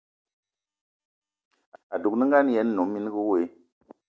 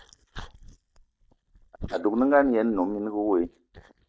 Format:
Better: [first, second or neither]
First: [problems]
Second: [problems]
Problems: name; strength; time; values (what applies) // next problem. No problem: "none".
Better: first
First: none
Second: noise reduction (neural mask model DeepFilterNet 3)